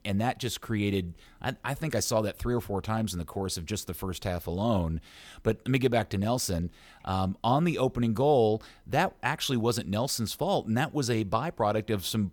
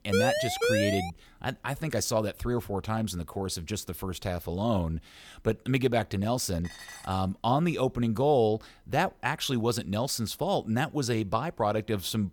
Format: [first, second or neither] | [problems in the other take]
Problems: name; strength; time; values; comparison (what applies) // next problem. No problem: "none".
first | siren; loud; at the start; peak 3 dB above the speech // clattering dishes; faint; at 6.5 s; peak 15 dB below the speech